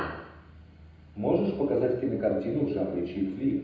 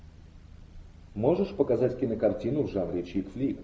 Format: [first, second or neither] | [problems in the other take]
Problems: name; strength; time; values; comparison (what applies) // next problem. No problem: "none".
second | room echo; dies away in 0.8 s